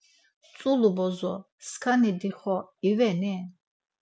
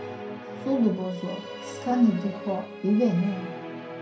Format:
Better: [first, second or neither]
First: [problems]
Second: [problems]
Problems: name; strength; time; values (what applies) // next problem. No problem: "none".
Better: first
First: none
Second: background sound (Musical instrument); 11 dB below the speech // room echo; dies away in 0.5 s